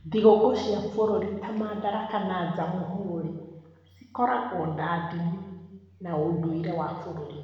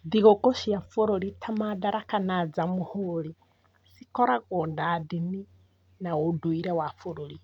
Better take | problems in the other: second | room echo; dies away in 1.2 s

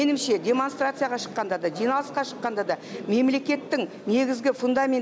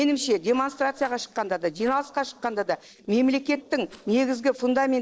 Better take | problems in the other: first | noise reduction (neural separator model SepFormer DNS4)

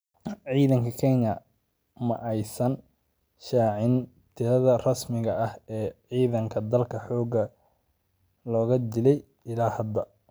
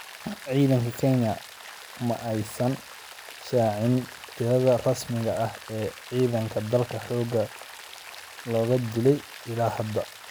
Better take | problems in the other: first | background sound (Rain); 16 dB below the speech

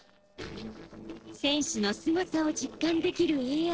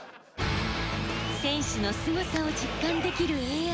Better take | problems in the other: second | noise reduction (neural separator model SepFormer DNS4)

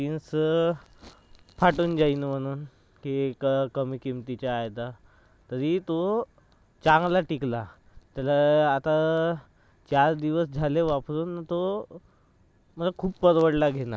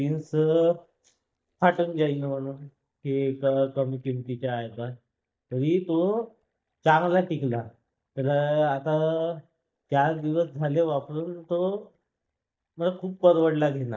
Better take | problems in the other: first | noise reduction (neural mask model DeepFilterNet 3)

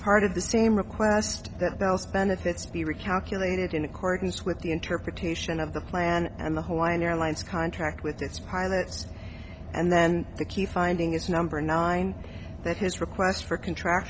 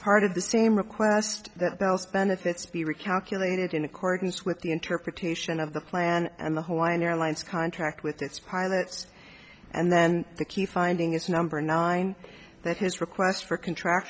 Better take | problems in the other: second | background sound (Car); 11 dB below the speech

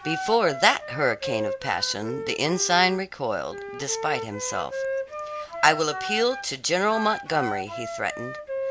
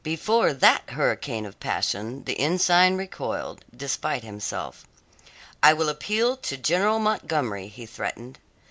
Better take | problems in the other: second | background sound (Wind instrument, woodwind instrument); 7 dB below the speech

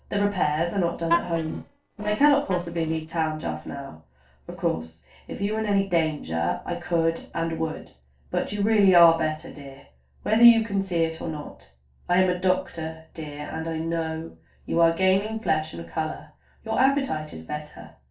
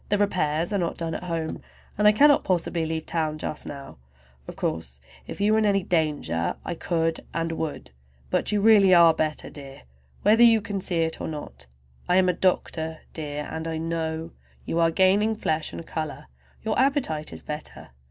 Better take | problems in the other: second | noise reduction (neural separator model SepFormer DNS4)

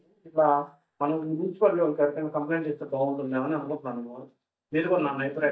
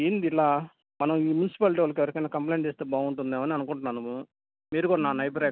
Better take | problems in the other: second | noise reduction (neural mask model DeepFilterNet 3)

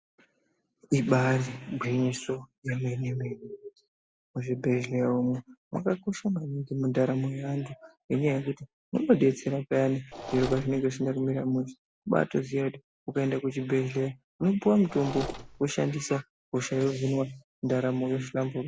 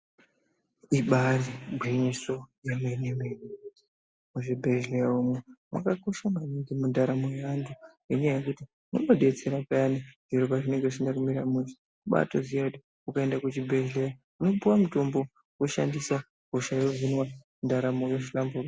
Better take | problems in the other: second | background sound (Mechanisms); 10 dB below the speech

